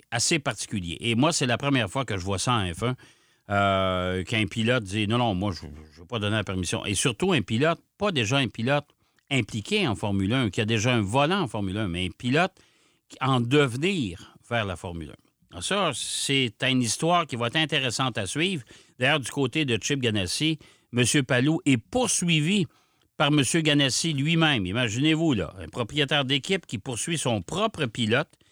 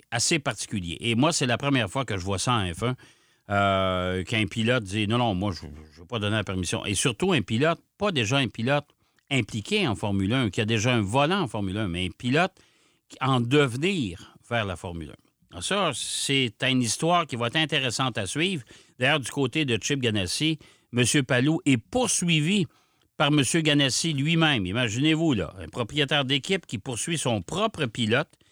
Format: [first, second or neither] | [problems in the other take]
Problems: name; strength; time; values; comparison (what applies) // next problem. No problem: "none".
neither | none